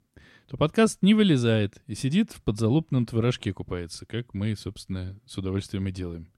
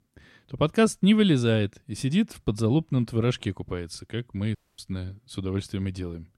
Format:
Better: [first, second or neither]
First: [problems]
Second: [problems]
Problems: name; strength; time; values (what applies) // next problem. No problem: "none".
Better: first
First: none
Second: audio cutting out; at 4.5 s